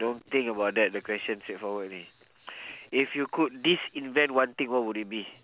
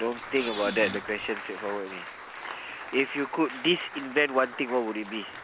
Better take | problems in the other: first | background sound (Squeak / Cupboard open or close + Applause); 11 dB below the speech

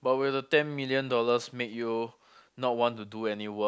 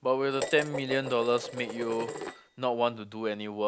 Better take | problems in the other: first | background sound (Dishes, pots, and pans); 9 dB below the speech

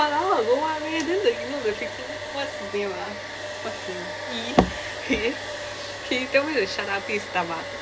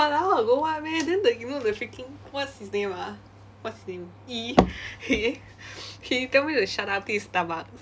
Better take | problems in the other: second | background sound (Domestic sounds, home sounds); 7 dB below the speech

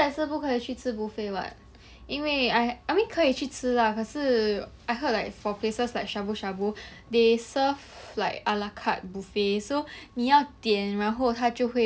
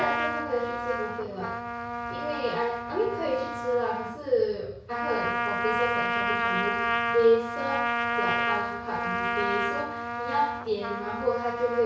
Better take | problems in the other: first | background sound (Trumpet); as loud as the speech // room echo; dies away in 0.6 s

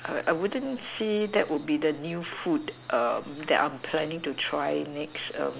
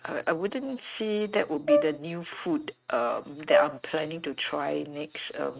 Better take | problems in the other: first | noise reduction (neural mask model RNNoise)

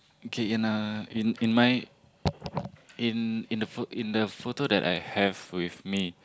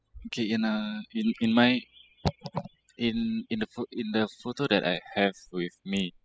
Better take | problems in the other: first | noise reduction (classical method spectral subtraction)

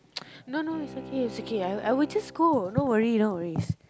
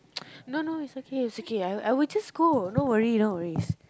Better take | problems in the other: second | background sound (Bowed string instrument); 17 dB below the speech

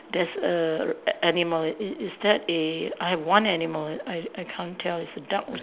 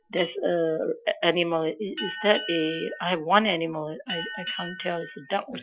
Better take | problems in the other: first | noise reduction (classical method Wiener filter)

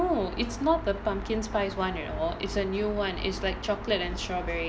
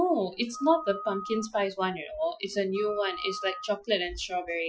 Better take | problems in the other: first | noise reduction (classical method Wiener filter)

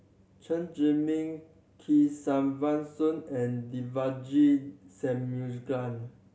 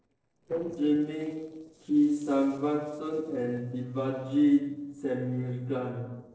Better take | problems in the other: first | noise reduction (neural separator model SepFormer DNS4)

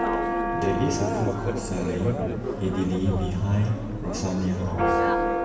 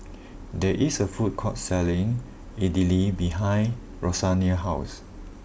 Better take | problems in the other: second | background sound (Church bell); 1 dB below the speech // room echo; dies away in 1.2 s

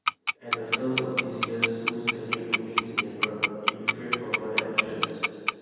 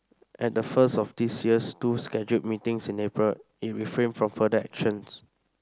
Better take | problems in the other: second | background sound (Tick-tock); 3 dB above the speech // room echo; dies away in 2.1 s

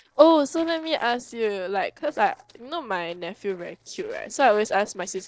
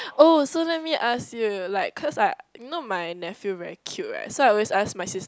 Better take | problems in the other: second | noise reduction (neural separator model SepFormer DNS4)

